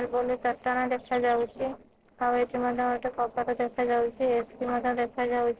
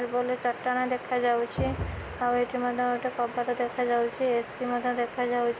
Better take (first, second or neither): second